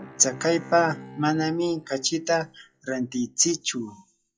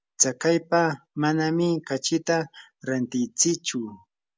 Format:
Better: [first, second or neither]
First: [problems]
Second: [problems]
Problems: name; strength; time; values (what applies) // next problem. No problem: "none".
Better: second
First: noise reduction (classical method WPE with log-MMSE)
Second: none